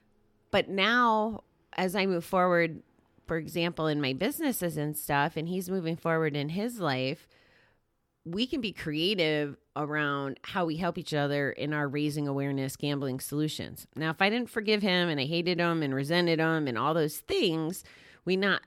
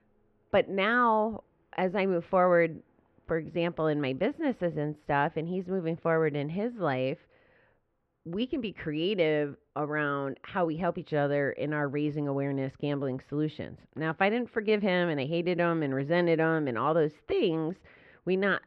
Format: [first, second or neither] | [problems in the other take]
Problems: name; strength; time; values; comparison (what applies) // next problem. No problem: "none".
first | muffled; very; fading above 2.5 kHz